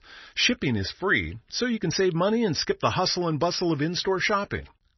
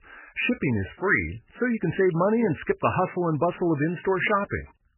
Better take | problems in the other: first | garbled, watery; badly; nothing above 3 kHz; slightly in the first

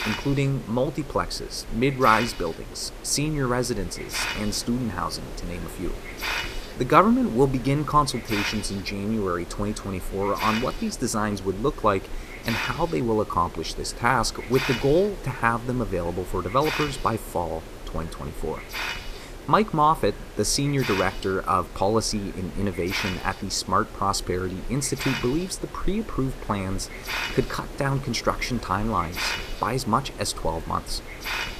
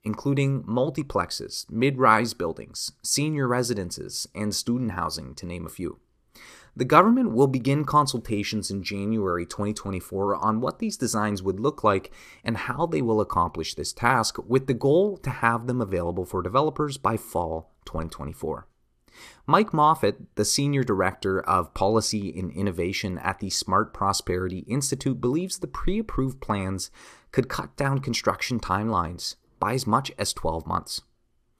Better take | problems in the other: second | hiss; loud; throughout; 9 dB below the speech

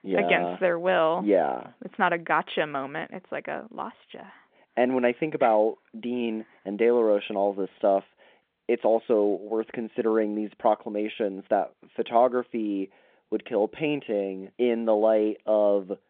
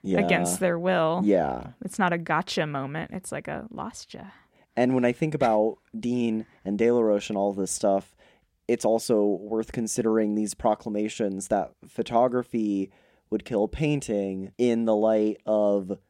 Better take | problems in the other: second | phone-call audio

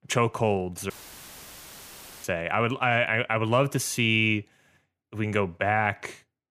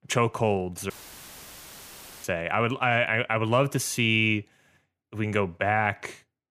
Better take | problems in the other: neither | audio cutting out; filled with static; at 1 s for 1.5 s; the same in both

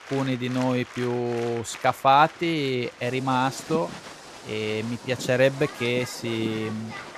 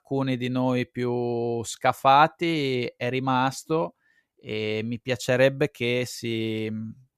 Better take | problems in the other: second | crowd noise; noticeable; throughout; 15 dB below the speech

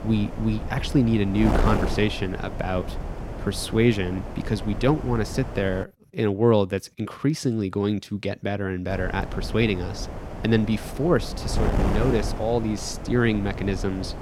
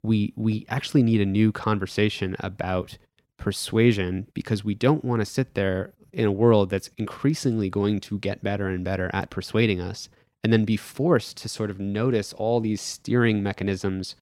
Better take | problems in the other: second | wind noise on the microphone; heavy; until 6 s and from 9 s on; 7 dB below the speech

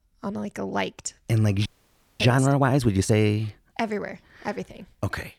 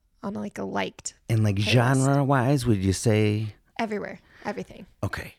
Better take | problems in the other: second | audio freezing; at 1.5 s for 0.5 s

